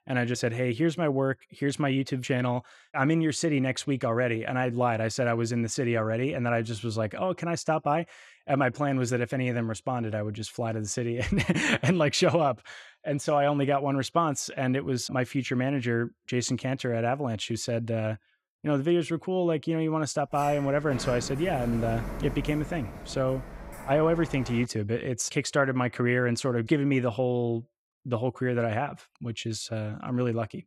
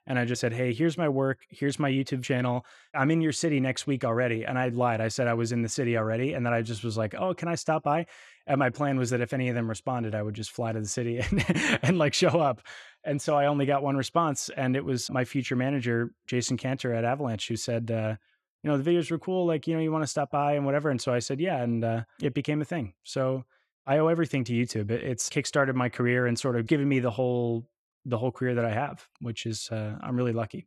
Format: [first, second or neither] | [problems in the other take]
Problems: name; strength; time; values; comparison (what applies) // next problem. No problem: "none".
second | door banging; noticeable; from 20 to 25 s; peak 9 dB below the speech